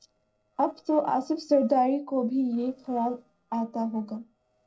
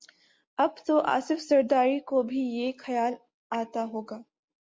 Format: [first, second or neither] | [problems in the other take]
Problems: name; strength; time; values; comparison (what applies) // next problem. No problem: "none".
second | noise reduction (neural separator model SepFormer DNS4)